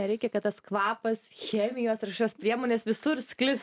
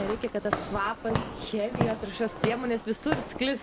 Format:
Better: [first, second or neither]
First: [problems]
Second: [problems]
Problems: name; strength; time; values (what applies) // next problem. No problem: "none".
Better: first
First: none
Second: background sound (Walk, footsteps / Siren); 3 dB below the speech